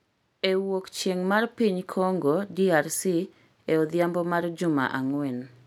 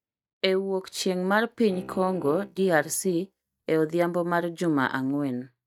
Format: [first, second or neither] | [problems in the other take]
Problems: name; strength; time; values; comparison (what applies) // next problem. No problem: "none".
first | noise reduction (neural mask model DeepFilterNet 3)